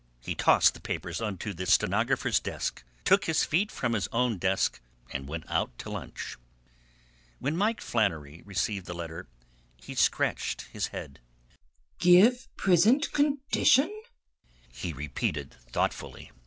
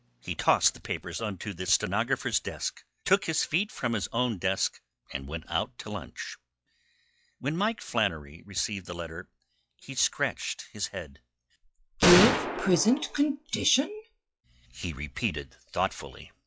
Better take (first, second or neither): first